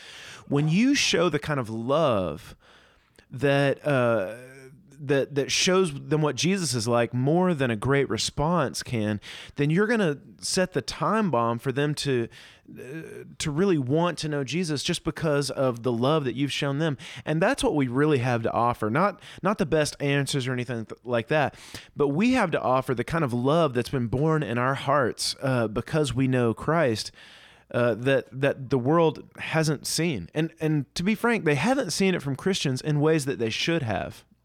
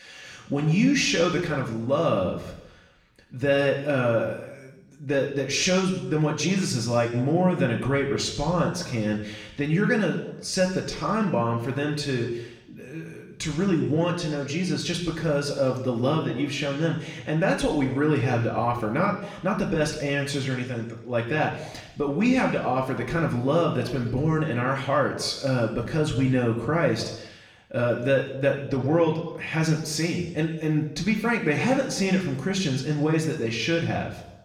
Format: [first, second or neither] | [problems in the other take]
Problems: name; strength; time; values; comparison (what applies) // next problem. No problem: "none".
first | room echo; slight; dies away in 0.8 s // off-mic speech; somewhat distant